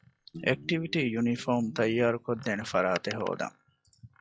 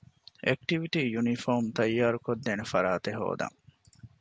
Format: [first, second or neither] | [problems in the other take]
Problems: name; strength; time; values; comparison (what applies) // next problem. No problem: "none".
second | noise reduction (classical method log-MMSE)